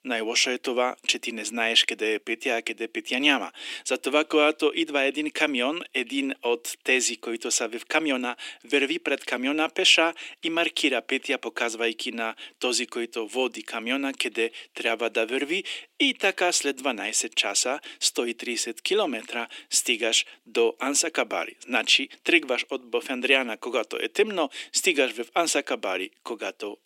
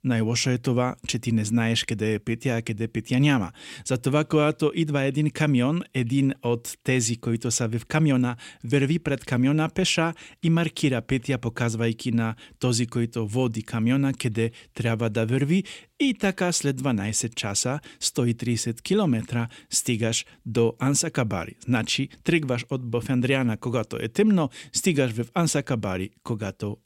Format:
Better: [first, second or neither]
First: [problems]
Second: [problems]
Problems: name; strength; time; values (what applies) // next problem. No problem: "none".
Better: second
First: thin; somewhat; fading below 300 Hz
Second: none